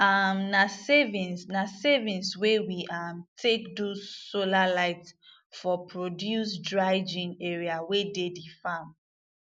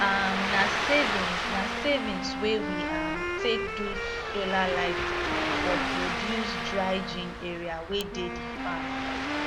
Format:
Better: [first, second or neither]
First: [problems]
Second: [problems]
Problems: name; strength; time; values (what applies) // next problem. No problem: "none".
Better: first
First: none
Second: background sound (Wind instrument, woodwind instrument + Ocean); 1 dB above the speech